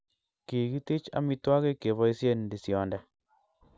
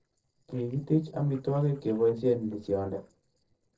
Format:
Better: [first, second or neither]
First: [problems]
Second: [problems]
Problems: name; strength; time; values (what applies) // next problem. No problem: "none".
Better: first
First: none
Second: noise reduction (neural separator model SepFormer DNS4)